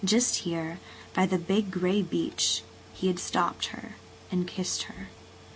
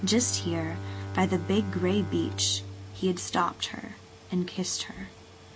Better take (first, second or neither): first